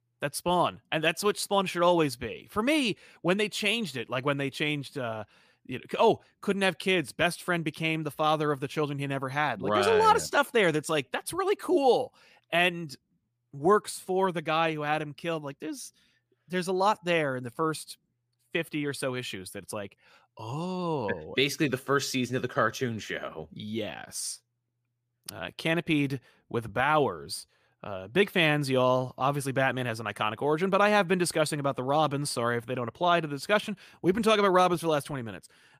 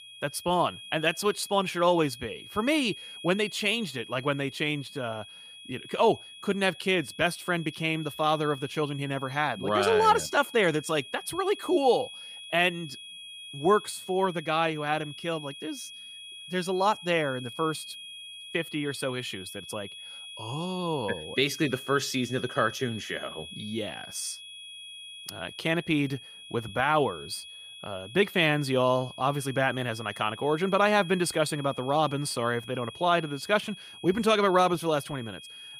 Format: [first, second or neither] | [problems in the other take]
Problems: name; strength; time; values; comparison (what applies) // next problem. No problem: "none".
first | high-pitched whine; noticeable; throughout; 3.5 kHz, 15 dB below the speech